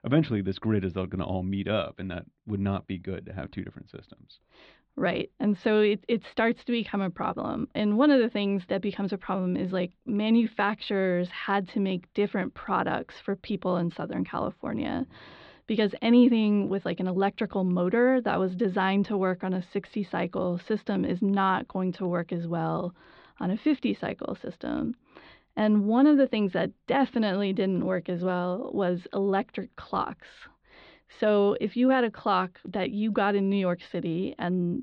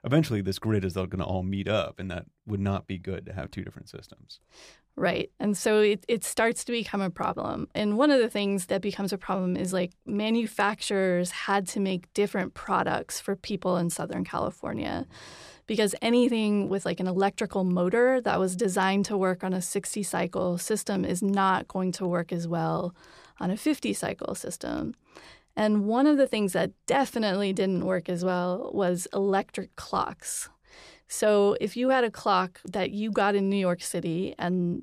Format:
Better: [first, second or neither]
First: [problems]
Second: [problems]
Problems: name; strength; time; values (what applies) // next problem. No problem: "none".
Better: second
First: muffled; slightly; fading above 4 kHz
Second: none